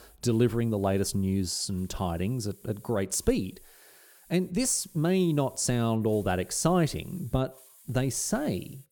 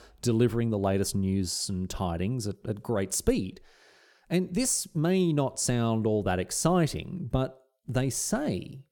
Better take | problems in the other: second | hiss; faint; throughout; 25 dB below the speech

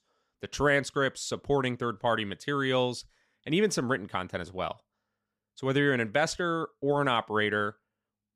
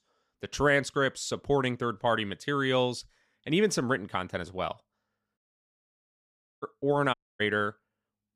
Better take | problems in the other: first | audio cutting out; at 5.5 s for 1 s and at 7 s

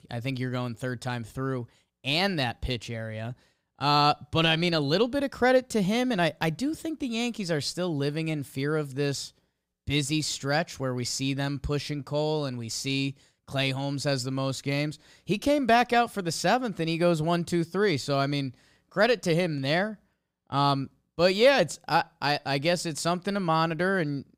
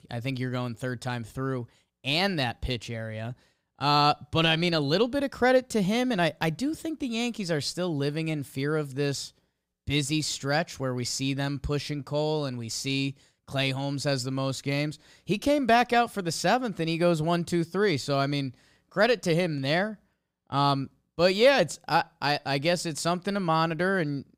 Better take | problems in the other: neither | none

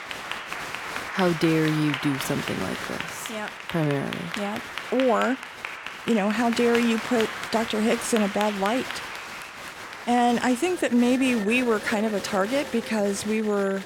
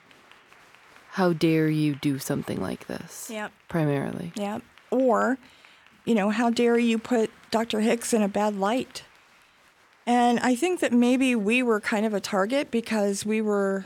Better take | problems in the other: second | crowd noise; loud; throughout; 8 dB below the speech; faint in the second

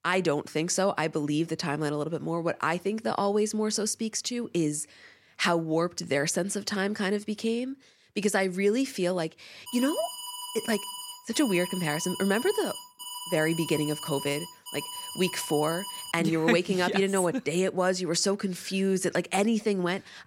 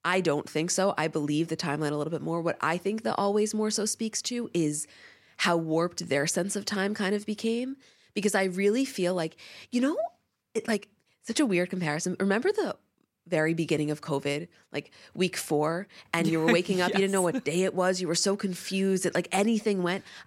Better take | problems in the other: second | alarm; noticeable; from 9.5 to 16 s; peak 8 dB below the speech

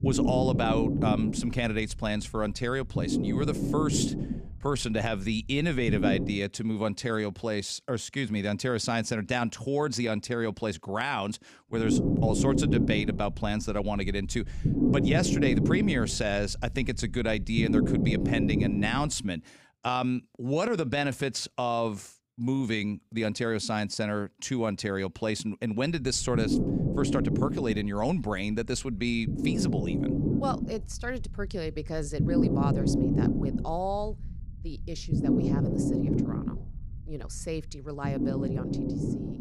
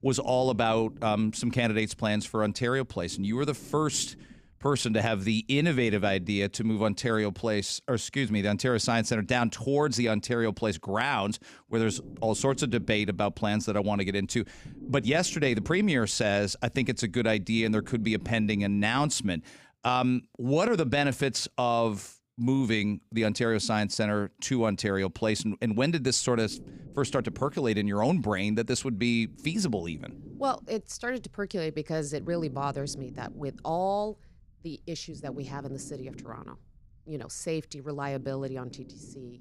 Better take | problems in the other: second | low rumble; loud; until 6.5 s, from 12 to 19 s and from 26 s on; 2 dB below the speech; faint in the second

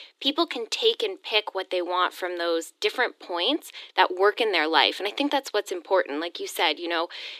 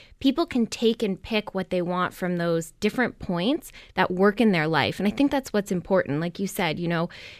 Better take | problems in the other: second | thin; somewhat; fading below 300 Hz

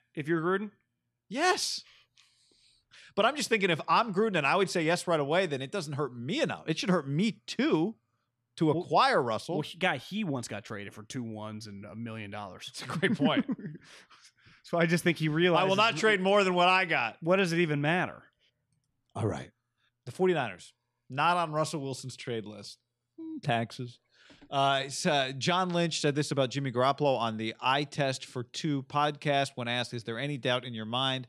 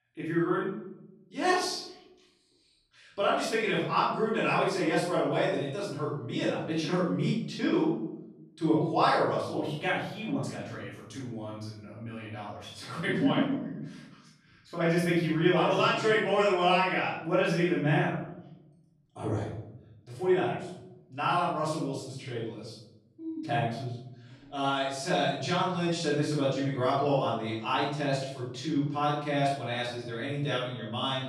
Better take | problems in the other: first | off-mic speech; far // room echo; noticeable; dies away in 0.8 s

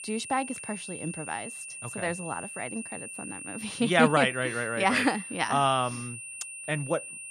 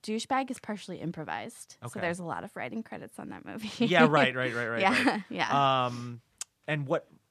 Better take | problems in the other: second | high-pitched whine; noticeable; throughout; 2.5 kHz, 10 dB below the speech

